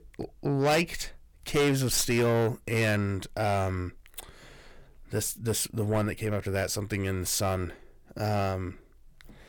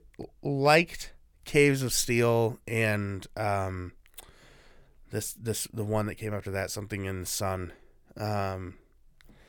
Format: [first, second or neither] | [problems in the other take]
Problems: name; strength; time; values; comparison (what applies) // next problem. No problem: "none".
second | distortion; heavy; 7 dB below the speech